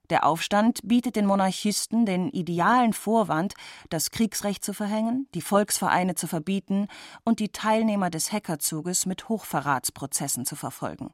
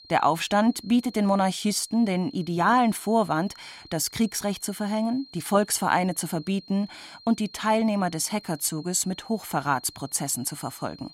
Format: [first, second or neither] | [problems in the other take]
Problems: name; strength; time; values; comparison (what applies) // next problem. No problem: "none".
first | high-pitched whine; faint; throughout; 4 kHz, 20 dB below the speech